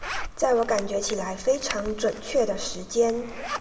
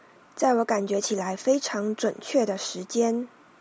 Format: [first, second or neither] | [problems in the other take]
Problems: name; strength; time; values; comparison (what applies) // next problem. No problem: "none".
second | background sound (Zipper (clothing)); 9 dB below the speech // room echo; dies away in 1.3 s